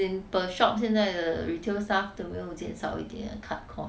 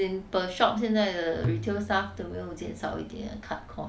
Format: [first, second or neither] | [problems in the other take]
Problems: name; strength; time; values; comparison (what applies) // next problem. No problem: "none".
first | background sound (Tabla); 9 dB below the speech